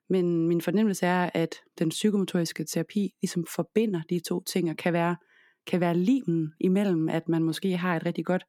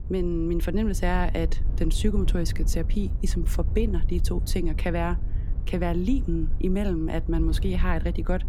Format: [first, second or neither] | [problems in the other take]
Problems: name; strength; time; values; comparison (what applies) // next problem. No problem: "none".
first | wind noise on the microphone; occasional gusts; 15 dB below the speech